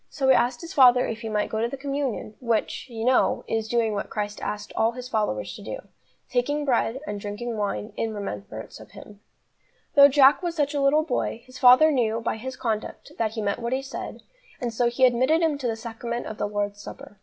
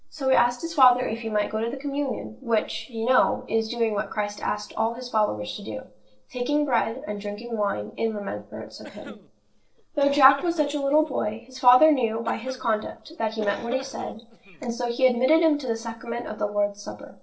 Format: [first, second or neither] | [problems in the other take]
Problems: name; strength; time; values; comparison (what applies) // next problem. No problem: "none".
first | noise reduction (neural separator model SepFormer DNS4)